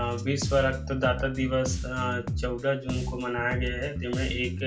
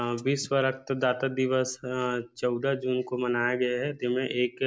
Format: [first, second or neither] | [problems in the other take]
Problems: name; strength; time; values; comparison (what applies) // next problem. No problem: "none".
second | background sound (Bass guitar); 4 dB below the speech // room echo; dies away in 0.2 s